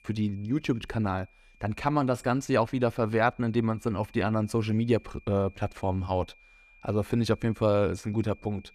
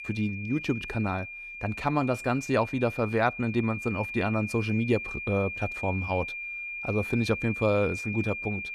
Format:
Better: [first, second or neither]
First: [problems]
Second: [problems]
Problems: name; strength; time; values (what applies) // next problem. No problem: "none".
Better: first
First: high-pitched whine; faint; throughout; 2.5 kHz, 30 dB below the speech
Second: high-pitched whine; loud; throughout; 2.5 kHz, 7 dB below the speech